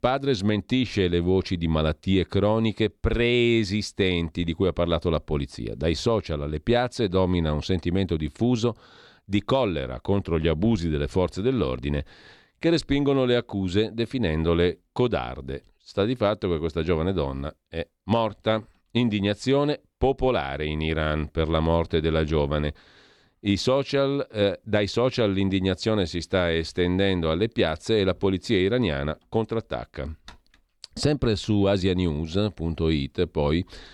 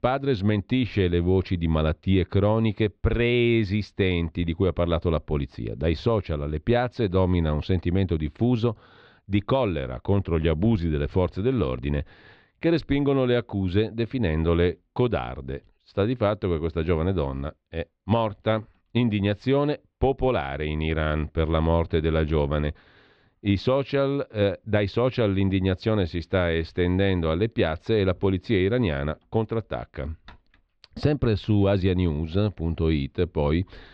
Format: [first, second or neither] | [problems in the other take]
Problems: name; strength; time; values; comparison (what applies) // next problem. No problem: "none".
first | muffled; slightly; fading above 3.5 kHz